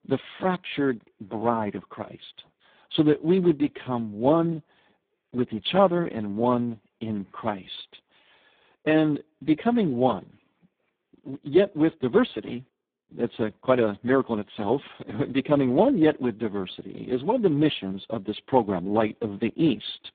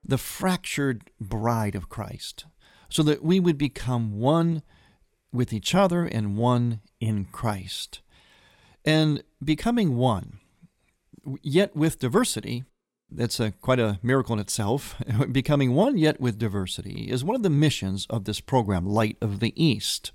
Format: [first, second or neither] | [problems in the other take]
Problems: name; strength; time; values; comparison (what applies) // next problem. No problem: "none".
second | phone-call audio; poor line; nothing above 3.5 kHz